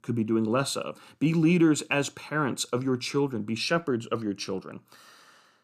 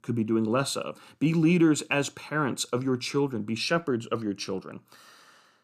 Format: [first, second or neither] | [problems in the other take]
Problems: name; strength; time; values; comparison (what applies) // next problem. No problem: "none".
neither | none